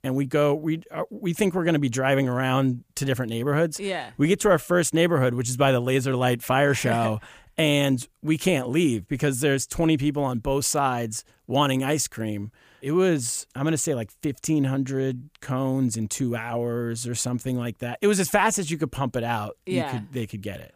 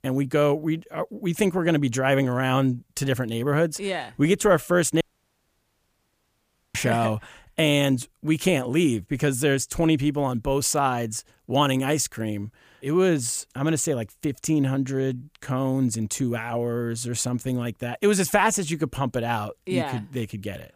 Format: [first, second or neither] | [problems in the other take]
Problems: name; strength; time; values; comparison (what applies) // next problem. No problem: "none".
first | audio cutting out; at 5 s for 1.5 s